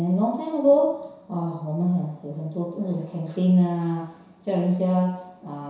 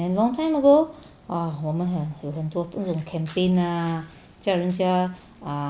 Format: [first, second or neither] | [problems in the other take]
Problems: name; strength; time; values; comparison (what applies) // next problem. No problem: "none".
second | room echo; dies away in 0.7 s